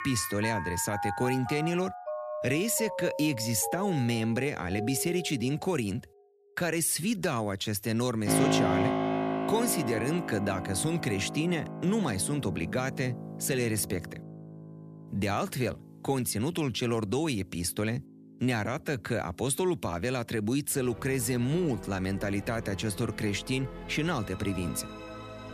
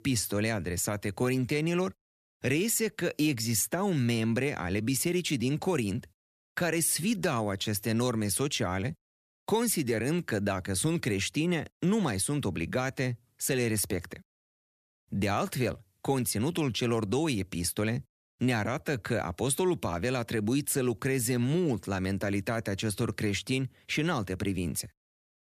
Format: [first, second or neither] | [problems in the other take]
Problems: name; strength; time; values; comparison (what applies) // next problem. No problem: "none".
second | background music; loud; throughout; 6 dB below the speech